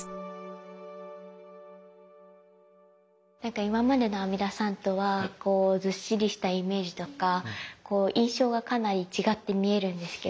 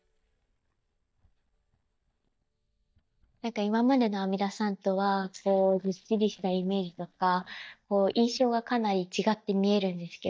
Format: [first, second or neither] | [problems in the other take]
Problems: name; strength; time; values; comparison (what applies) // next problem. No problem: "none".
first | noise reduction (neural mask model DeepFilterNet 3)